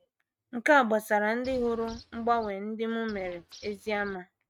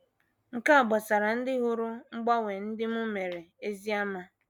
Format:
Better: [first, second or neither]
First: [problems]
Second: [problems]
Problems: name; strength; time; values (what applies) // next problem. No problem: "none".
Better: second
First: noise reduction (neural mask model RNNoise)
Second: none